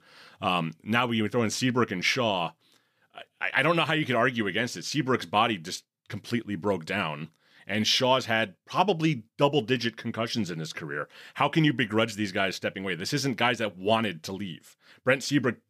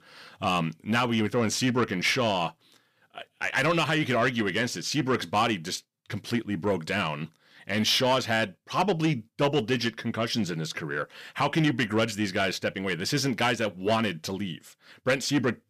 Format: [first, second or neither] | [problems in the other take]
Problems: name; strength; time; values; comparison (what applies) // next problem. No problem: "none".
first | distortion; slight; 10 dB below the speech